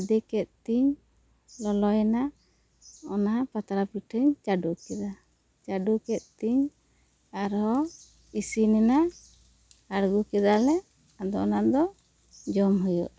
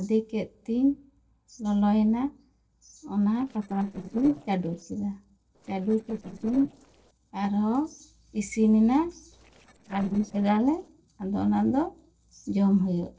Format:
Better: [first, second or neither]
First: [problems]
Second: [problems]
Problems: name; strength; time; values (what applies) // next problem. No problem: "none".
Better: first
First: none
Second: noise reduction (neural separator model SepFormer DNS4)